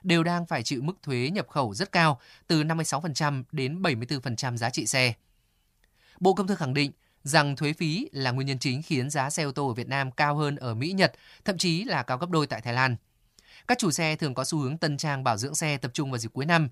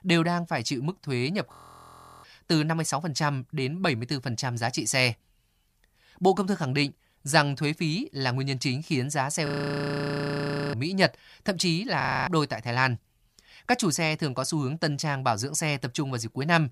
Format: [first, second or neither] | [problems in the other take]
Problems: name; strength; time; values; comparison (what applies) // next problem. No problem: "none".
first | audio freezing; at 1.5 s for 0.5 s, at 9.5 s for 1.5 s and at 12 s